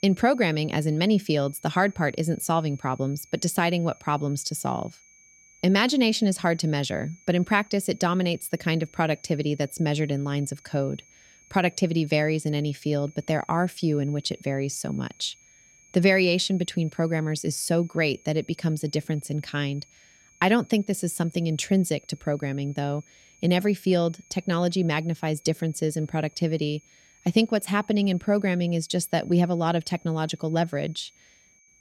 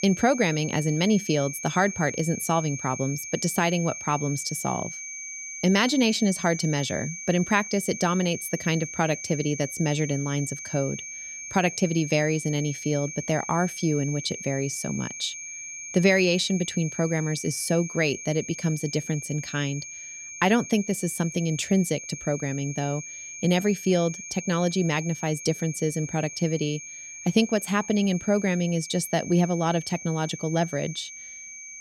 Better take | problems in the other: first | high-pitched whine; loud; throughout; 6.5 kHz, 10 dB below the speech; faint in the first

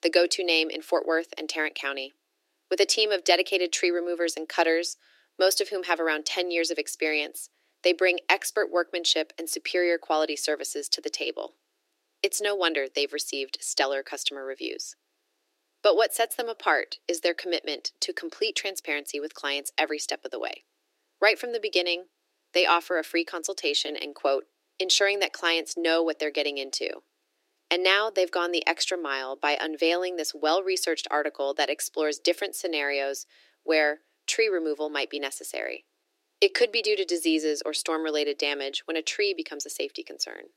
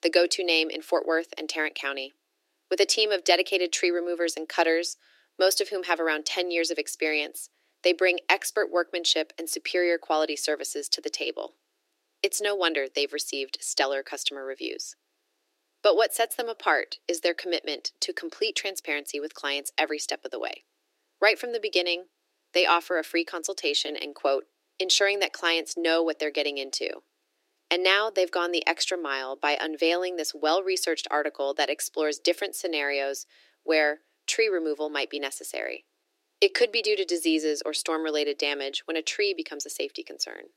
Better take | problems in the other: neither | thin; very; fading below 300 Hz; the same in both

